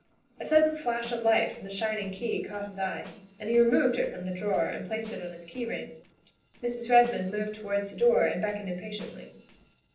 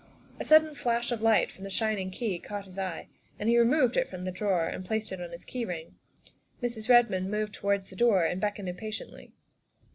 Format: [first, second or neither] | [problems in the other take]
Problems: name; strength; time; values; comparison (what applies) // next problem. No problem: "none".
second | noise reduction (neural separator model SepFormer DNS4)